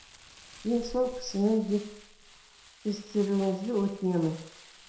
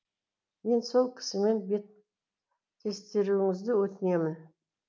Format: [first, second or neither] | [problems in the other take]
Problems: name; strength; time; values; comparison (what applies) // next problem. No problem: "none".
second | background sound (Crumpling, crinkling); 19 dB below the speech // room echo; dies away in 0.7 s